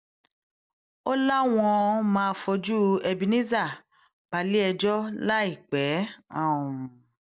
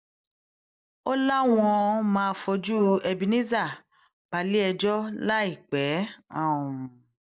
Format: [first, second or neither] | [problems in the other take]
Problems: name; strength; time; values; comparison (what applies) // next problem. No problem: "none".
first | noise reduction (neural mask model Resemble Enhance denoiser)